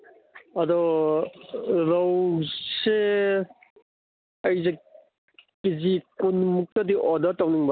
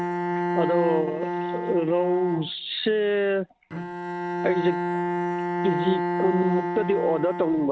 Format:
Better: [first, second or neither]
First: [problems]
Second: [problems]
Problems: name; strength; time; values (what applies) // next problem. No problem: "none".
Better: first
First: none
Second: noise reduction (neural mask model RNNoise)